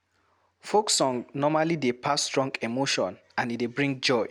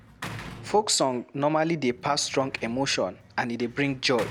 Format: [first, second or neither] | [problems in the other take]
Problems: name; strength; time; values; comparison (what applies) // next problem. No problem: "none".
first | background sound (Sliding door / Slam); 17 dB below the speech